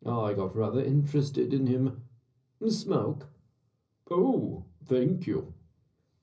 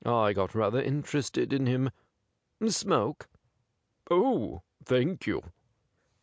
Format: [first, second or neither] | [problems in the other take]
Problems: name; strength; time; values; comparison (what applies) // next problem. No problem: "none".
second | room echo; dies away in 0.5 s